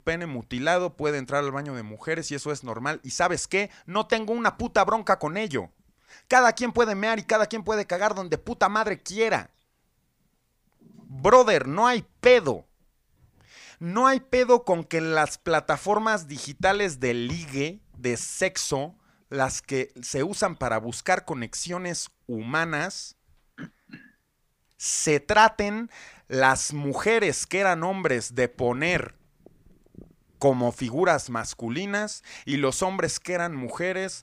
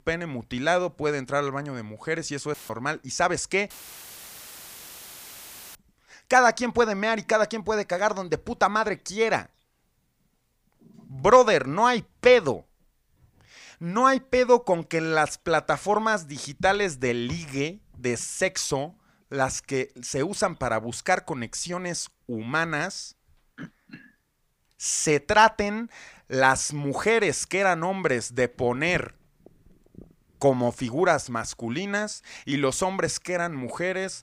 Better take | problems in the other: first | audio cutting out; filled with static; at 2.5 s and at 3.5 s for 2 s

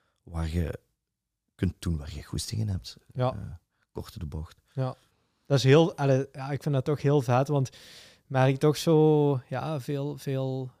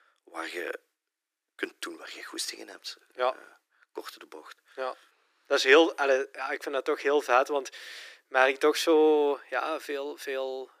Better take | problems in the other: first | thin; very; fading below 300 Hz

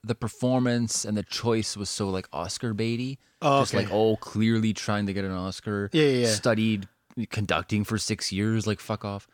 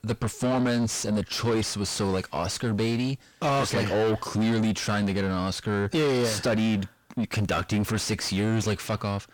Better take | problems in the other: first | distortion; heavy; 7 dB below the speech

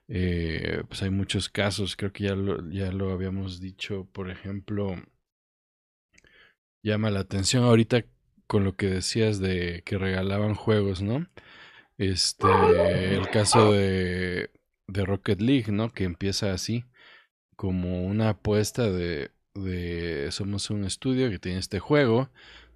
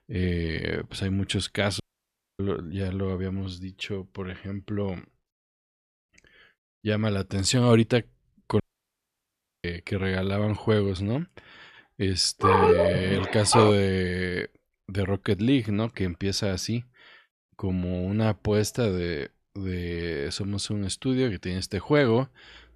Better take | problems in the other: first | audio cutting out; at 2 s for 0.5 s and at 8.5 s for 1 s

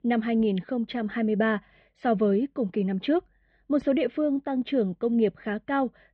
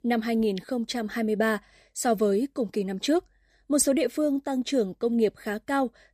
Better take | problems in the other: second | muffled; very; fading above 3 kHz

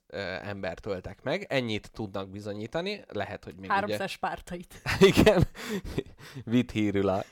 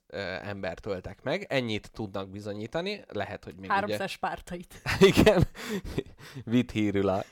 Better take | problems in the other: neither | none

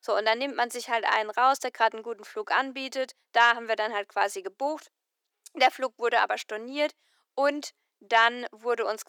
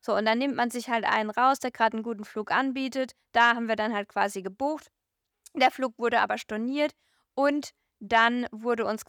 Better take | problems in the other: second | thin; somewhat; fading below 350 Hz

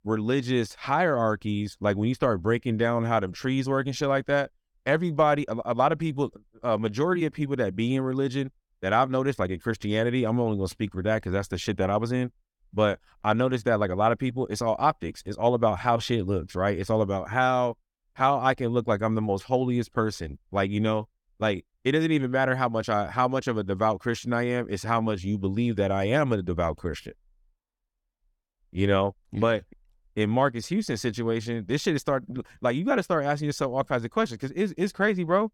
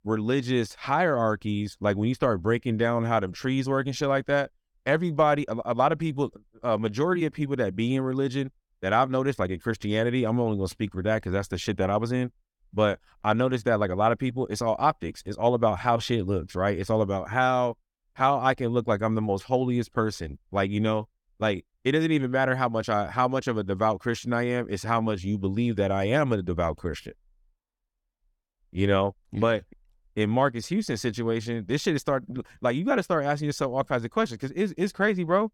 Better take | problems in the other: neither | none

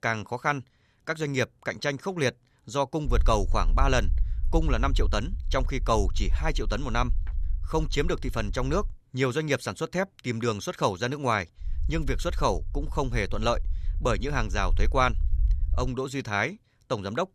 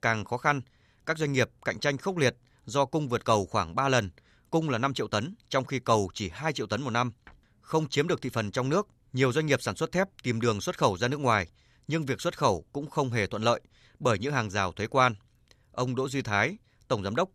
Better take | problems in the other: second | low rumble; faint; from 3 to 9 s and from 12 to 16 s; 25 dB below the speech

